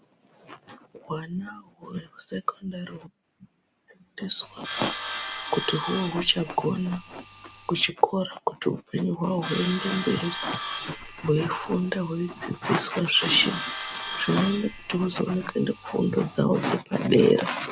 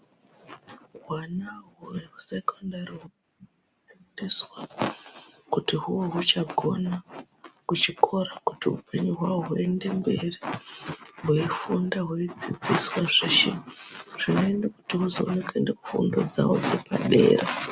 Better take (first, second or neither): second